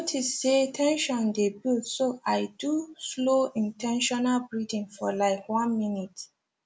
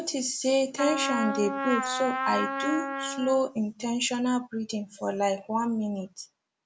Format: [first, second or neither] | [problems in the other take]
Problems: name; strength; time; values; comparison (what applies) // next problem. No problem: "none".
first | background sound (Trumpet); 4 dB below the speech